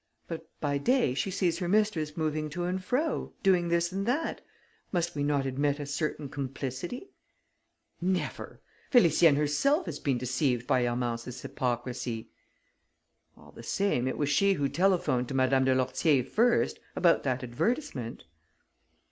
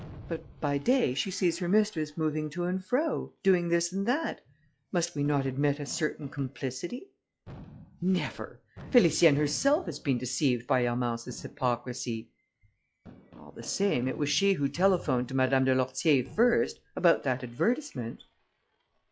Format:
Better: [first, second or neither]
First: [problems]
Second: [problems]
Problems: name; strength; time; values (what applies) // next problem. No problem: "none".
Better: first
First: none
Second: noise reduction (classical method log-MMSE)